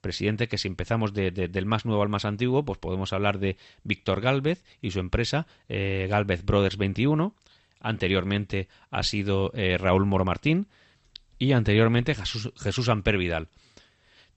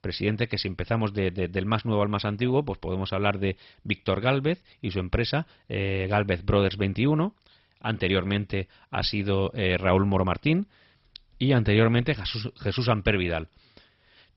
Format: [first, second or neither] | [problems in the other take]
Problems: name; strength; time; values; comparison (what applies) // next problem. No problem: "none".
first | garbled, watery; badly; nothing above 5.5 kHz; slightly in the first